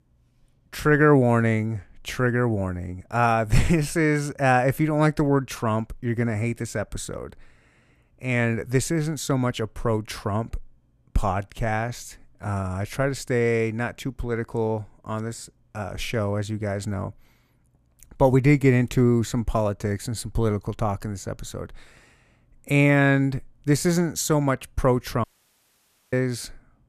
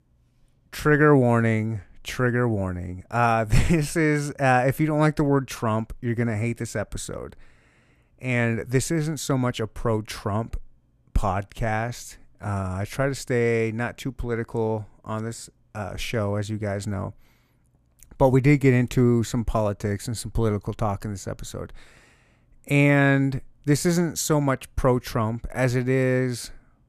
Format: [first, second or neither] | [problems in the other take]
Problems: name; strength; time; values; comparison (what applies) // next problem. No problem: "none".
second | audio cutting out; at 25 s for 1 s